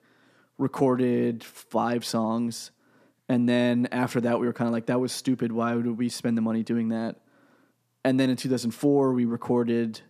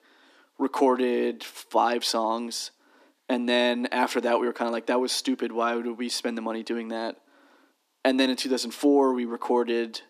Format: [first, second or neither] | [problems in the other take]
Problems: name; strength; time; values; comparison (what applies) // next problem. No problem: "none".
first | thin; very slightly; fading below 300 Hz